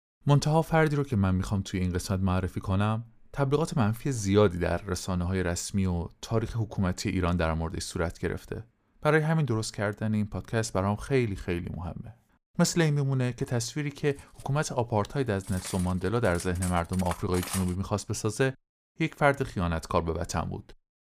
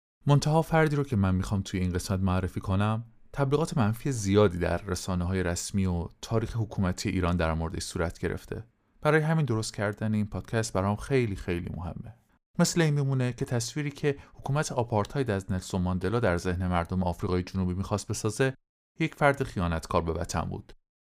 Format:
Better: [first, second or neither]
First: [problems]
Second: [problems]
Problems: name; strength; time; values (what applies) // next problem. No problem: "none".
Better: second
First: clattering dishes; noticeable; from 15 to 18 s; peak 6 dB below the speech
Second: none